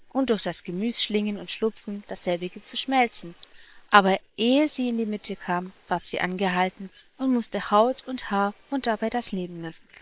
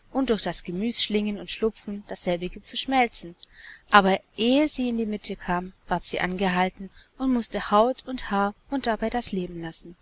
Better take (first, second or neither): second